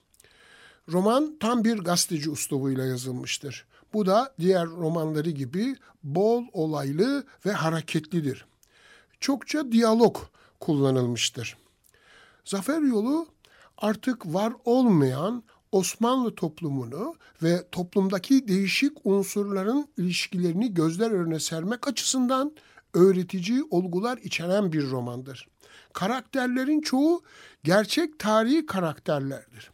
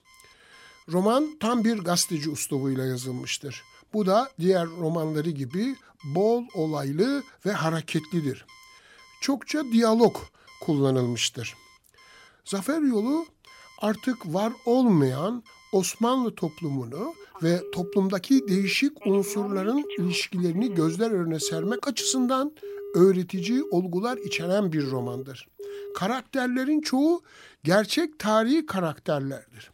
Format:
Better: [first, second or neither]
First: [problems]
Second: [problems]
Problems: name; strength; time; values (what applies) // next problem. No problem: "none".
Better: first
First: none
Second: alarms or sirens; noticeable; throughout; 15 dB below the speech